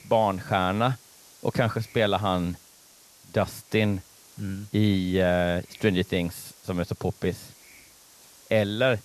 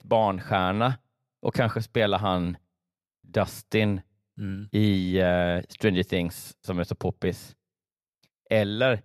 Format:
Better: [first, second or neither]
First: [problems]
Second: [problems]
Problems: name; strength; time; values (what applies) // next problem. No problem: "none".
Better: second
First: hiss; faint; throughout; 25 dB below the speech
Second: none